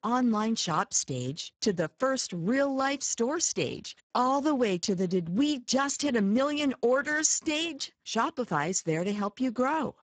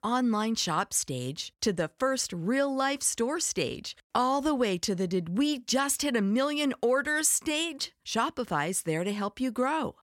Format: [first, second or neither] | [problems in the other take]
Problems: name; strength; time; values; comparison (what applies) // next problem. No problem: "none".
second | garbled, watery; badly; nothing above 7.5 kHz